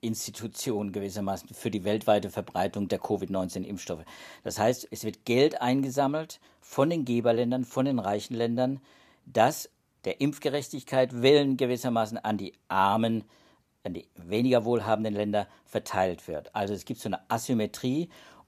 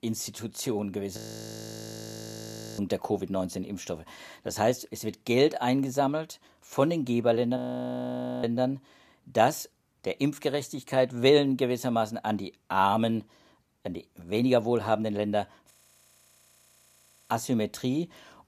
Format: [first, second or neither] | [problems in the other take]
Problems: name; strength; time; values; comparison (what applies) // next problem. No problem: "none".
first | audio freezing; at 1 s for 1.5 s, at 7.5 s for 1 s and at 16 s for 1.5 s